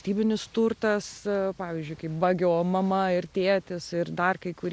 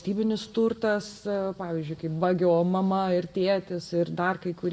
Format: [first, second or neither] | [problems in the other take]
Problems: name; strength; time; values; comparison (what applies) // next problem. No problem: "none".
first | room echo; dies away in 0.6 s